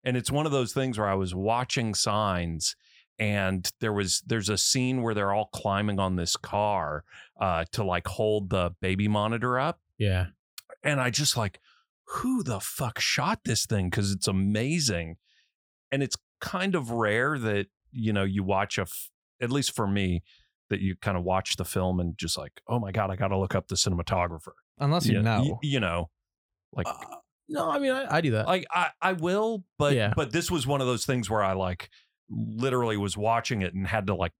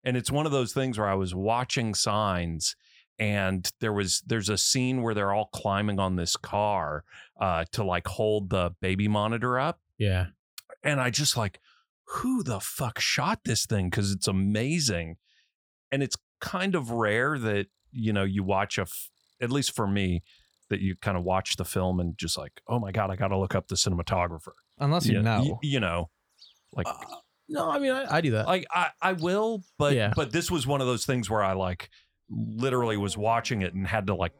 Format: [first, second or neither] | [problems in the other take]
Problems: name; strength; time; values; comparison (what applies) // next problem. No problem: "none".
first | animal sounds; faint; from 18 s on; 25 dB below the speech